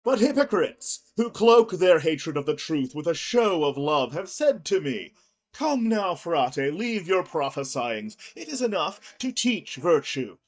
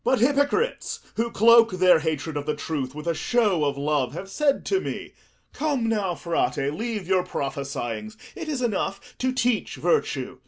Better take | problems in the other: second | noise reduction (neural mask model DeepFilterNet 3)

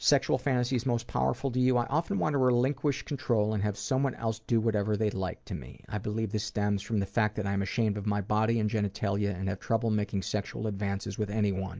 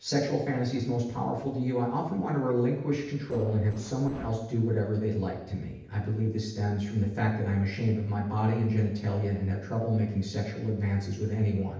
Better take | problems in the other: first | noise reduction (neural separator model SepFormer DNS4)

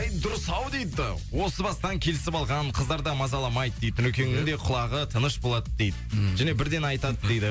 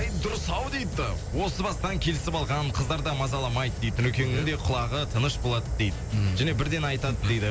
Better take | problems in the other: first | background sound (Fire); 10 dB below the speech

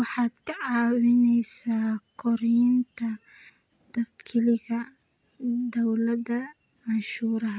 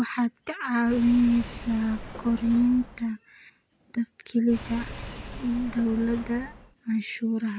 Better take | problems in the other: first | background sound (Engine / Car); 12 dB below the speech

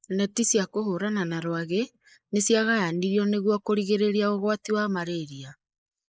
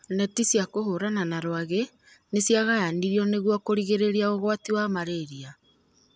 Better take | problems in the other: second | noise reduction (neural mask model Resemble Enhance denoiser)

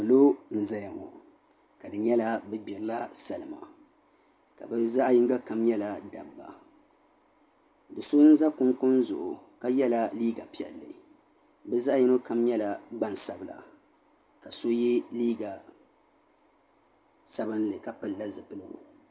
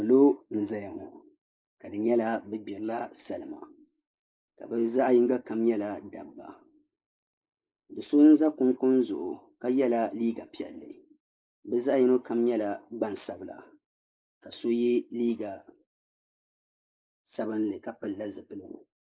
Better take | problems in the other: first | noise reduction (neural mask model Resemble Enhance denoiser)

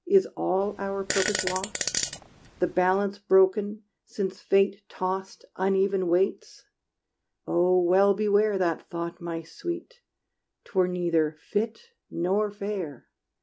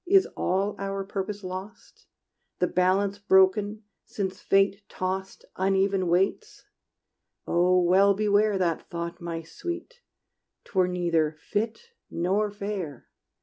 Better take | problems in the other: second | background sound (Fart); 6 dB below the speech

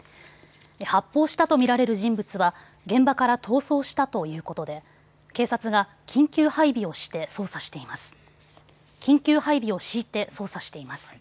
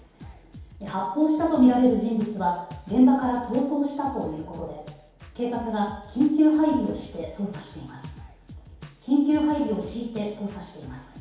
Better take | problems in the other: first | background sound (Drum kit); 20 dB below the speech // room echo; dies away in 2.2 s

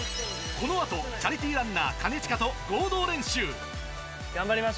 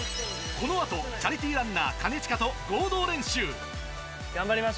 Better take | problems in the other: second | background sound (Knock); 20 dB below the speech

